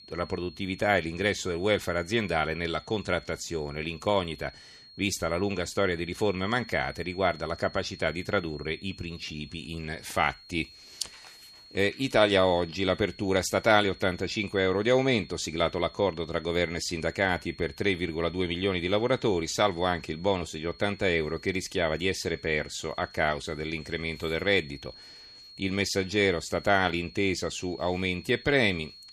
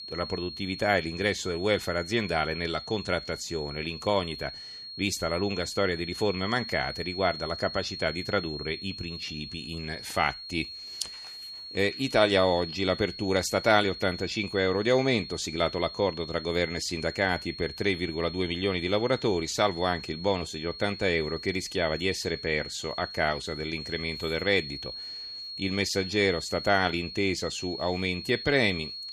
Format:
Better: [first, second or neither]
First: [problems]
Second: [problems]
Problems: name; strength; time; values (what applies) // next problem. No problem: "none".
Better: first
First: high-pitched whine; faint; throughout; 4.5 kHz, 20 dB below the speech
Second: high-pitched whine; loud; throughout; 4.5 kHz, 9 dB below the speech